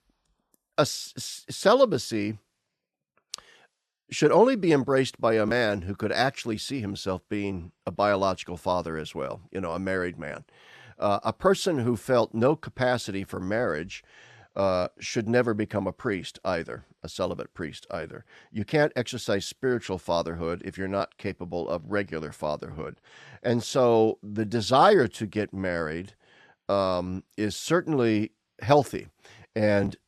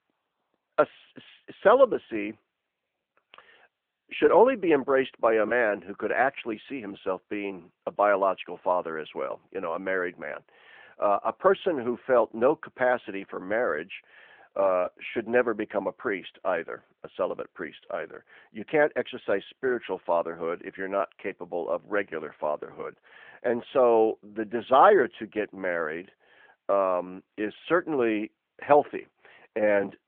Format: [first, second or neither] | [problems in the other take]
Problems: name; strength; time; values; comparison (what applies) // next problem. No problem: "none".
first | phone-call audio